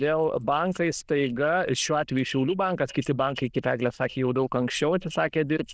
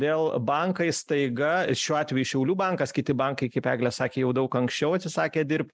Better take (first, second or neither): second